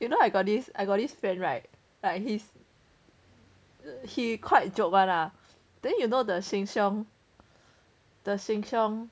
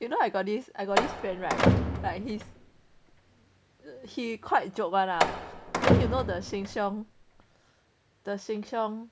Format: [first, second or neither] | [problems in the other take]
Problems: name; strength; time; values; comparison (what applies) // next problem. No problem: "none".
first | background sound (Slam); 2 dB above the speech